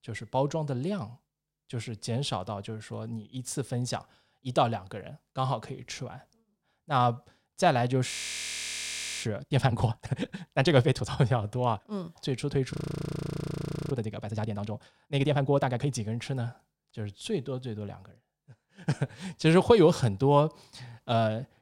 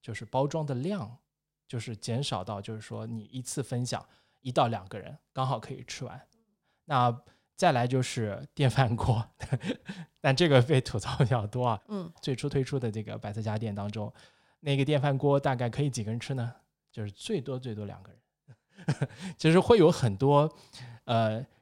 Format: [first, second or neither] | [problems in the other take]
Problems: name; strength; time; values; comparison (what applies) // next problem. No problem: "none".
second | audio freezing; at 8 s for 1 s and at 13 s for 1 s